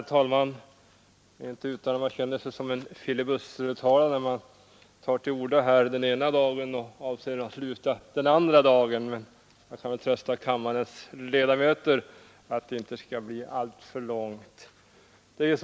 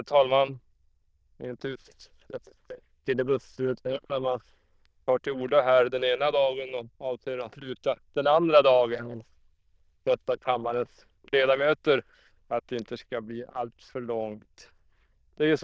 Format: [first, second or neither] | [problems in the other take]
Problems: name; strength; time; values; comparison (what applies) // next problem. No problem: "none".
first | noise reduction (neural diffusion model UNIVERSE++)